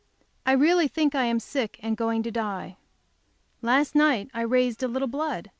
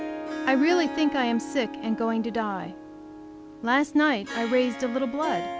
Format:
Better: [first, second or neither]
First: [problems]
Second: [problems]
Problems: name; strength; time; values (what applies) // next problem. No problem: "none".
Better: first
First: none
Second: background sound (Harp); 9 dB below the speech